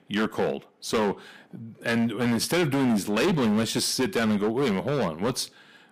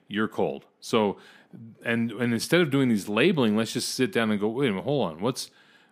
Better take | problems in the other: second | distortion; heavy; 15% of the sound clipped

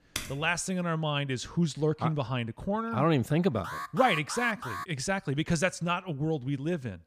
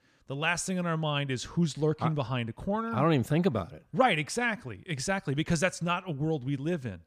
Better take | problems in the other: second | keyboard typing; noticeable; at the start; peak 7 dB below the speech // alarm; noticeable; from 3.5 to 5 s; peak 8 dB below the speech

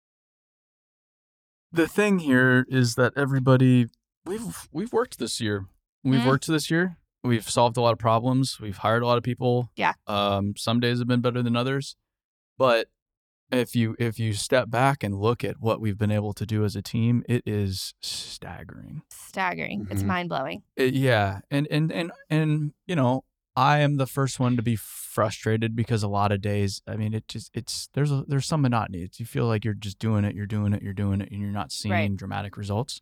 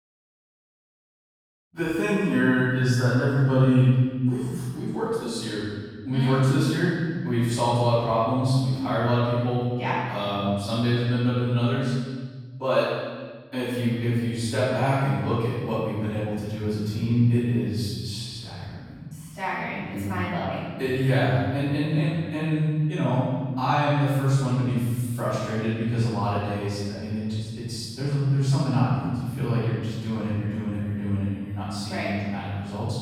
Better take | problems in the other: first | off-mic speech; far // room echo; strong; dies away in 1.6 s

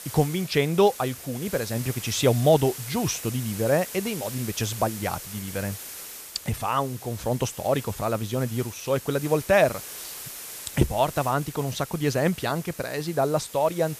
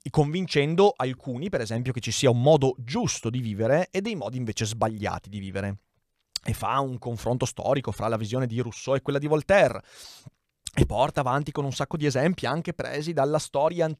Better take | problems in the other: second | hiss; noticeable; throughout; 10 dB below the speech

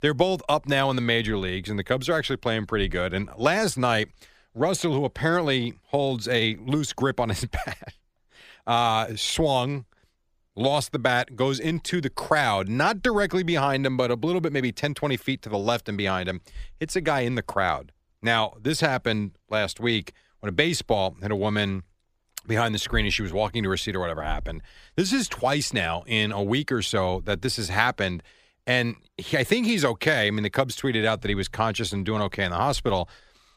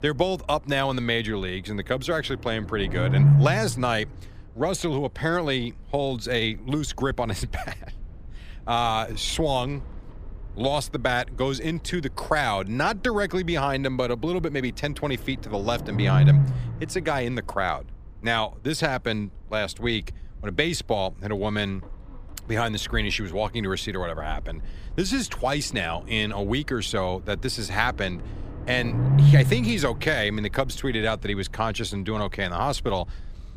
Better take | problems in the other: first | low rumble; loud; throughout; 8 dB below the speech

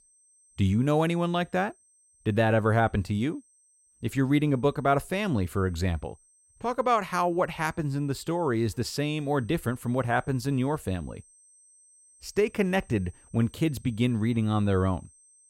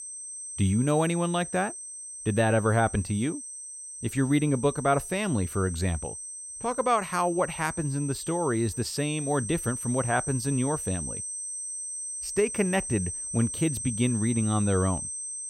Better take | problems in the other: first | high-pitched whine; loud; throughout; 8.5 kHz, 7 dB below the speech; faint in the first

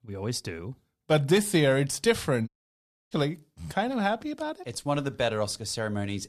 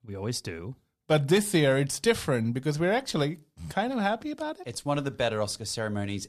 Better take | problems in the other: second | audio cutting out; at 2.5 s for 0.5 s

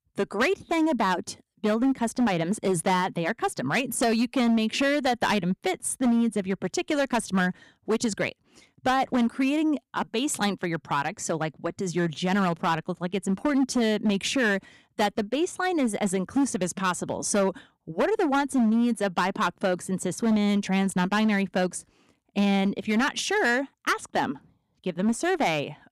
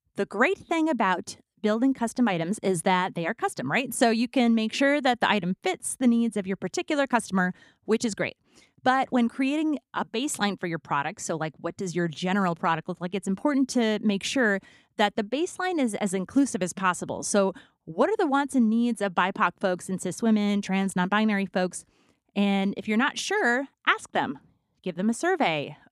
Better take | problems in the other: second | distortion; slight; 8% of the sound clipped

